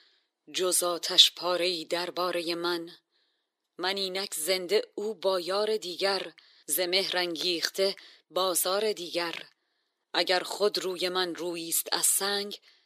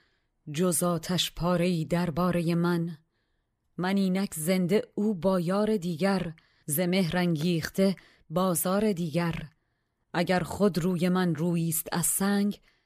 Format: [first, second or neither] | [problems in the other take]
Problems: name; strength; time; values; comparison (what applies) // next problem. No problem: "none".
second | thin; very; fading below 350 Hz